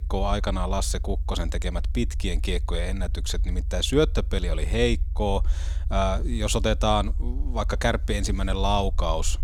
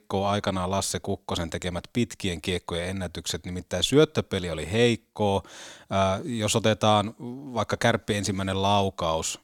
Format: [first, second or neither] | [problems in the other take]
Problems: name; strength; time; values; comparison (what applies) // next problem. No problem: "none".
second | low rumble; faint; throughout; 25 dB below the speech